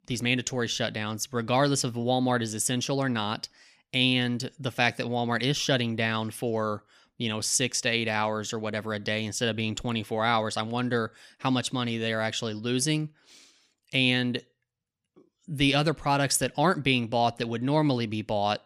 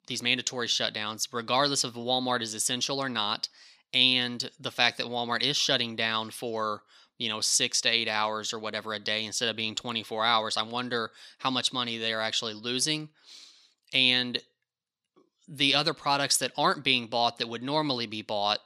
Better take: first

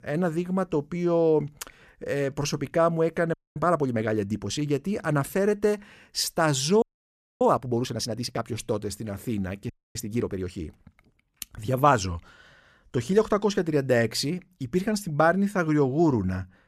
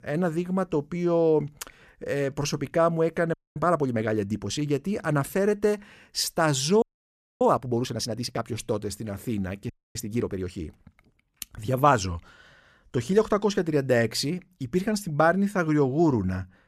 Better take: neither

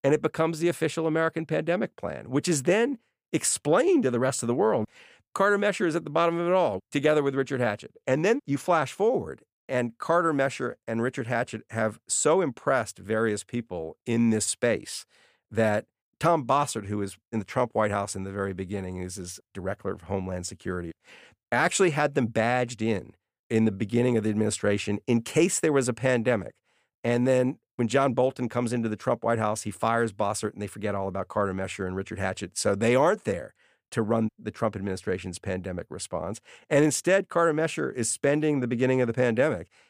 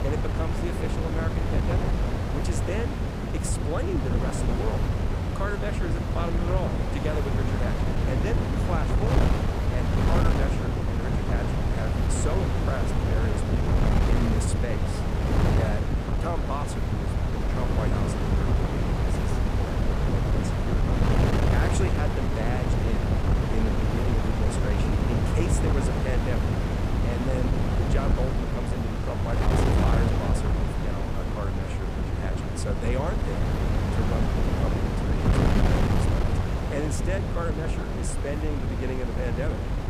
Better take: first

